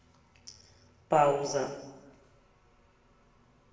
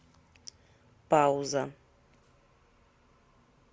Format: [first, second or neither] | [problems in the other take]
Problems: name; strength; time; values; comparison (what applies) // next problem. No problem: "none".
second | room echo; dies away in 1 s